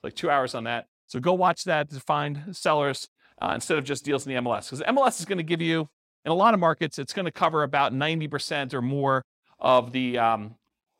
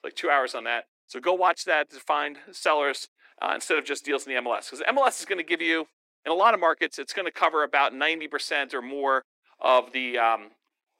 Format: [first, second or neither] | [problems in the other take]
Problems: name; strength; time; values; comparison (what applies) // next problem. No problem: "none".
first | thin; somewhat; fading below 300 Hz